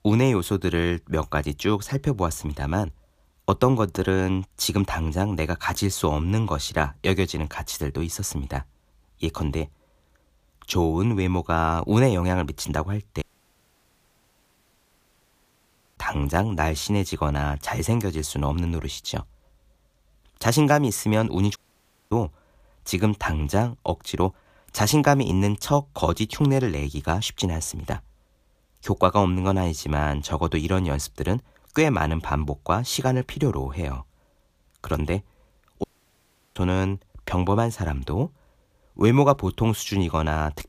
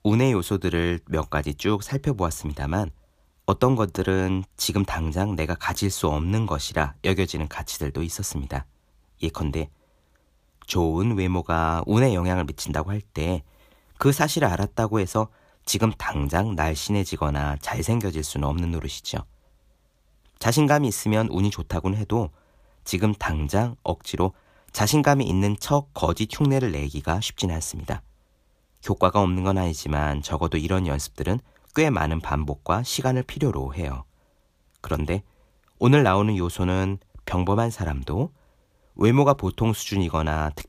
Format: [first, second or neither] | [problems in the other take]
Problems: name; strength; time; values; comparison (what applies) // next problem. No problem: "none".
second | audio cutting out; at 13 s for 3 s, at 22 s for 0.5 s and at 36 s for 0.5 s